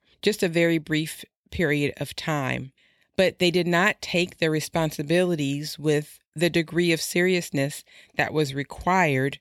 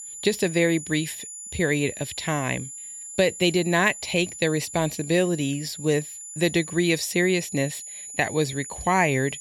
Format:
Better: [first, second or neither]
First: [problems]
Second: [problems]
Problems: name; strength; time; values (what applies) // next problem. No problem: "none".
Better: first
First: none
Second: high-pitched whine; noticeable; throughout; 7 kHz, 10 dB below the speech